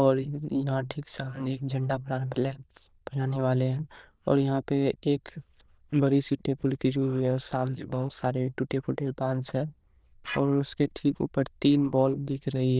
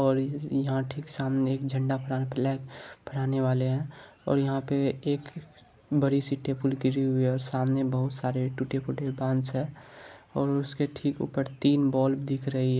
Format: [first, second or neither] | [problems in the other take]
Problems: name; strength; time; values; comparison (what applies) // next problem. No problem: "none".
second | noise reduction (neural diffusion model UNIVERSE++)